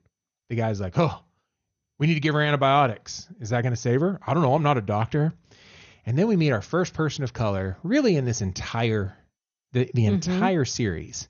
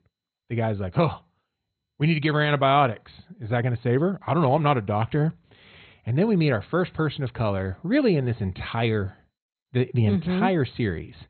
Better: first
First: garbled, watery; slightly; nothing above 6.5 kHz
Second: garbled, watery; badly; nothing above 4 kHz

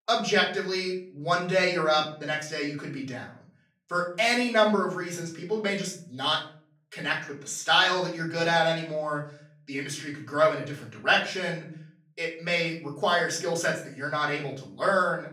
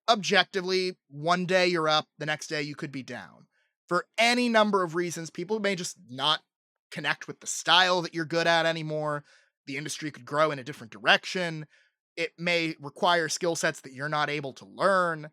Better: second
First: off-mic speech; far // room echo; slight; dies away in 0.4 s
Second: none

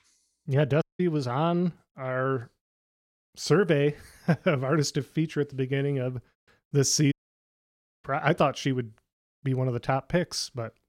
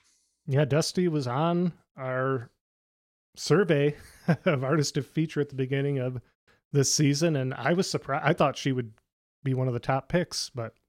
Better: second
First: audio cutting out; at 1 s and at 7 s for 1 s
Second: none

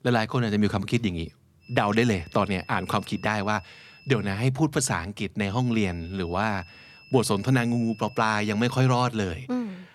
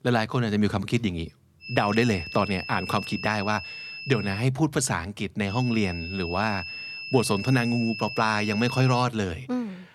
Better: first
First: high-pitched whine; faint; from 1.5 to 4.5 s and from 5.5 to 9 s; 2.5 kHz, 25 dB below the speech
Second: high-pitched whine; loud; from 1.5 to 4.5 s and from 5.5 to 9 s; 2.5 kHz, 9 dB below the speech

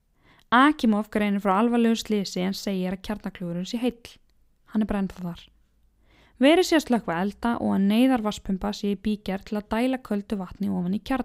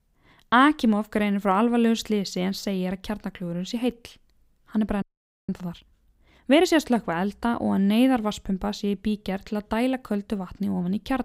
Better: first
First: none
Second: audio freezing; at 5 s

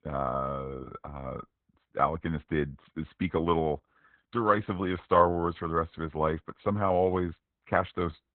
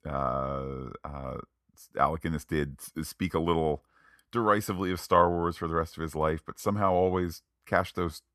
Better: second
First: garbled, watery; badly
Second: none

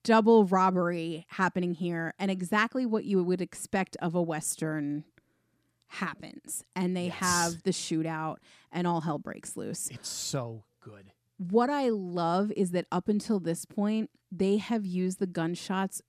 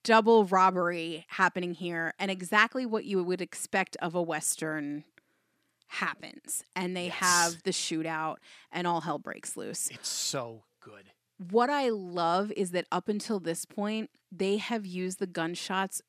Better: first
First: none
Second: thin; very slightly; fading below 850 Hz

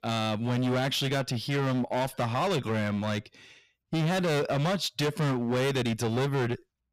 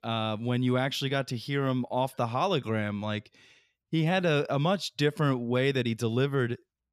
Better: second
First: distortion; heavy; 24% of the sound clipped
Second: none

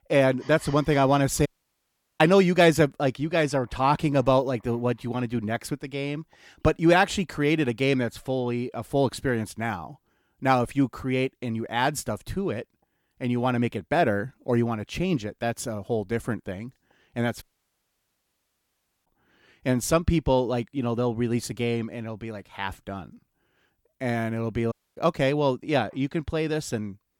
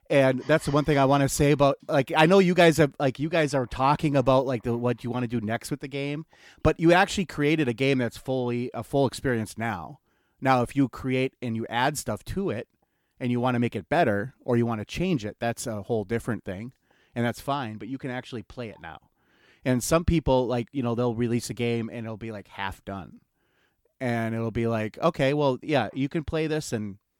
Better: second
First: audio cutting out; at 1.5 s for 0.5 s, at 17 s for 1.5 s and at 25 s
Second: none

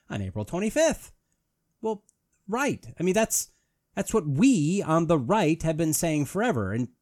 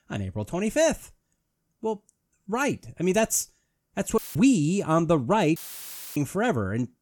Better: first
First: none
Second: audio cutting out; filled with static; at 4 s and at 5.5 s for 0.5 s

